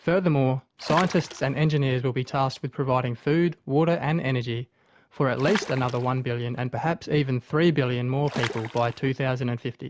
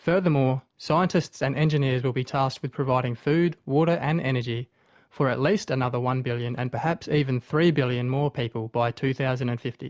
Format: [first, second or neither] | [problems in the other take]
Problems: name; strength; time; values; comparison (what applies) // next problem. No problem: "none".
second | background sound (Water / Splash, splatter); 11 dB below the speech